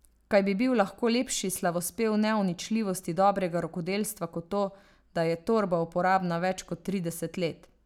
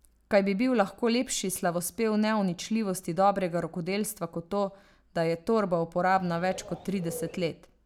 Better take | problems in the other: first | background sound (Bird); 15 dB below the speech

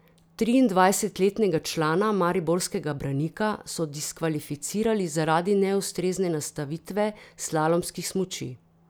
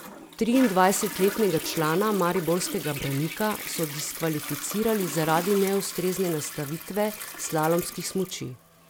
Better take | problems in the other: first | background sound (Toilet flush); 11 dB below the speech

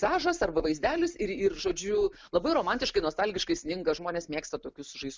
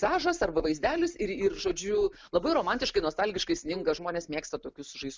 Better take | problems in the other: first | background sound (Marimba, xylophone); 18 dB below the speech

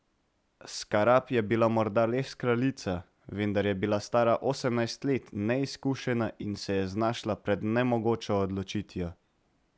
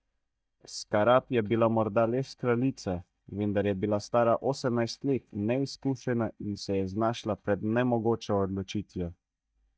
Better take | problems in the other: first | noise reduction (neural mask model DeepFilterNet 3)

